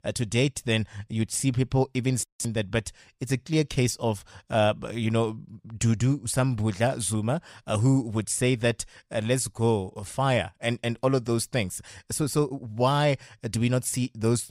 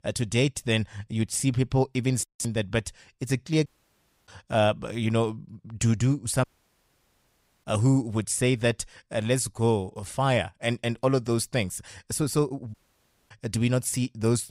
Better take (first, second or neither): first